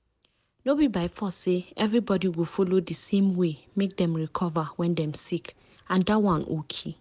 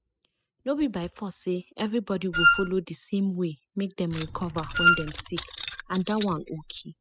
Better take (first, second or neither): first